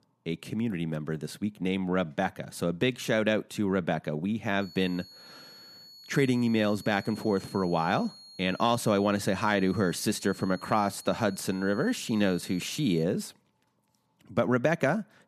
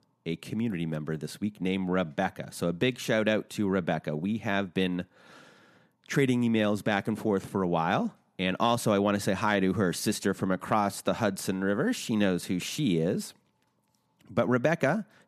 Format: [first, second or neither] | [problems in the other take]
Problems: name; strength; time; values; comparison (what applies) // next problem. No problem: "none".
second | high-pitched whine; noticeable; from 4.5 to 13 s; 4.5 kHz, 20 dB below the speech